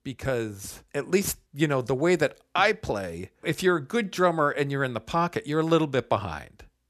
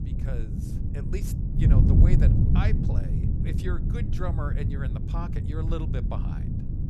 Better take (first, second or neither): first